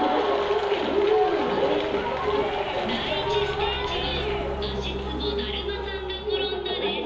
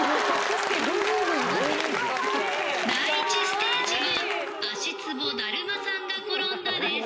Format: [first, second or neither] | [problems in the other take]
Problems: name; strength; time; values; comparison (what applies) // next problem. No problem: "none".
second | background sound (Truck); 11 dB below the speech // room echo; dies away in 0.7 s